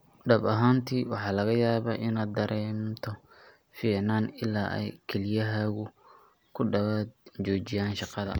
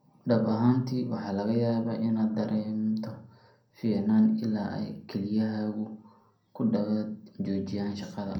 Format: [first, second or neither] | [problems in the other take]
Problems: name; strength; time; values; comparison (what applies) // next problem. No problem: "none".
first | room echo; dies away in 0.5 s